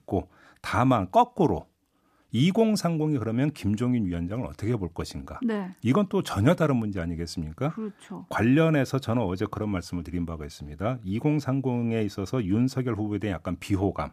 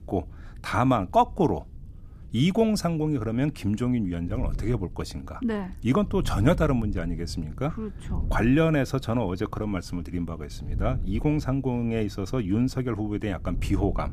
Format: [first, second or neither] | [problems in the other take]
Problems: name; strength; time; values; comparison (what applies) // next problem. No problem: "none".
first | wind noise on the microphone; occasional gusts; 25 dB below the speech